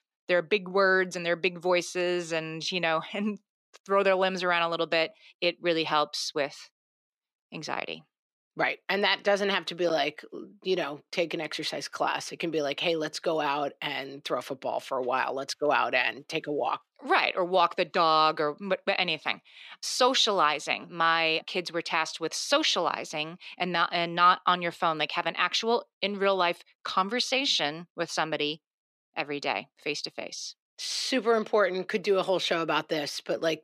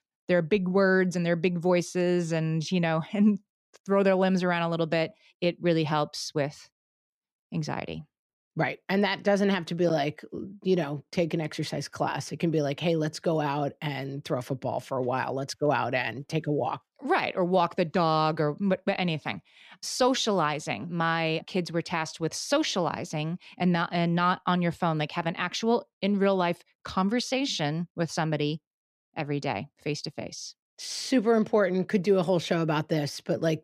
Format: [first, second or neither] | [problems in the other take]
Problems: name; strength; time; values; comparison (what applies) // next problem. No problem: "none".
second | thin; somewhat; fading below 350 Hz